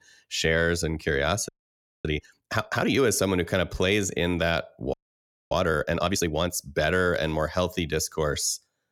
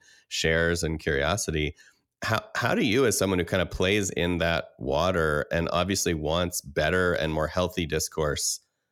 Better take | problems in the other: second | audio freezing; at 1.5 s for 0.5 s and at 5 s for 0.5 s

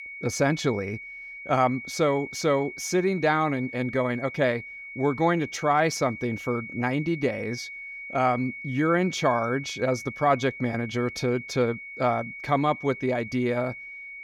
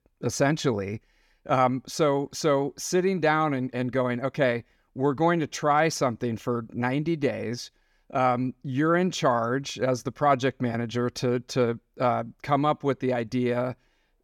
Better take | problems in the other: second | high-pitched whine; noticeable; throughout; 2 kHz, 10 dB below the speech

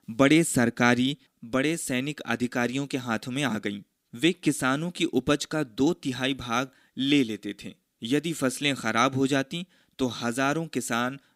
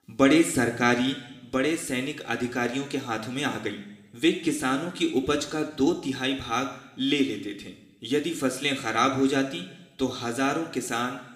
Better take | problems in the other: first | room echo; slight; dies away in 0.8 s

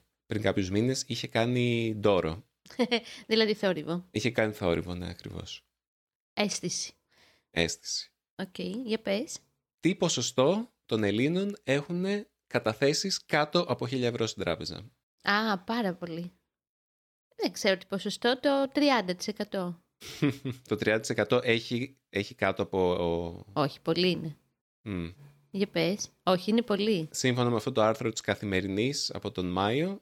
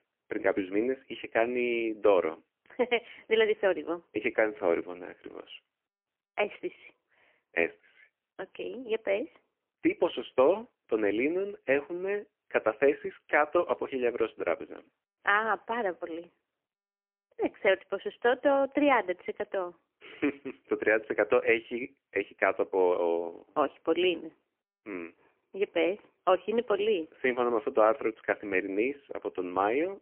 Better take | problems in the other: first | phone-call audio; poor line; nothing above 3 kHz

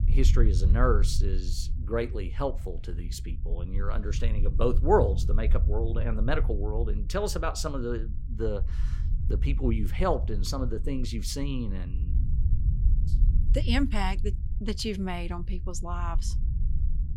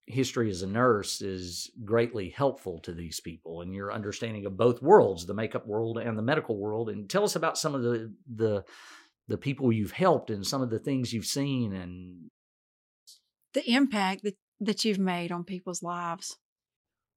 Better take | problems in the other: second | low rumble; noticeable; throughout; 15 dB below the speech

